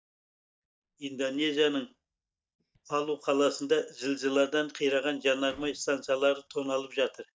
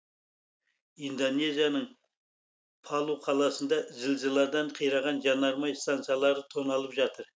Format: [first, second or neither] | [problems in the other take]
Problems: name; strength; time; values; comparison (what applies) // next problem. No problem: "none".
second | noise reduction (neural mask model DeepFilterNet 3)